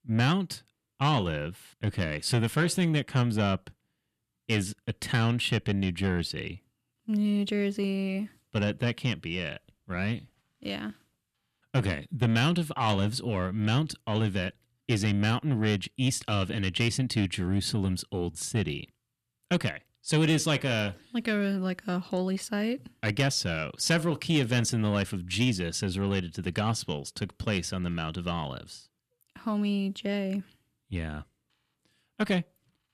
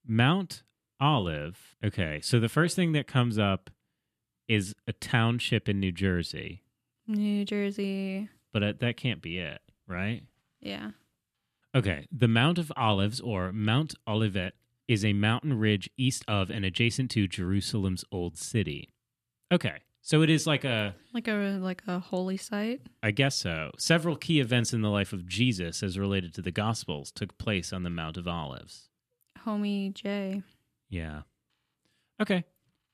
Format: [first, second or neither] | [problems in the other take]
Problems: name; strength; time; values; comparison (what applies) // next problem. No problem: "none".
second | distortion; slight; 10 dB below the speech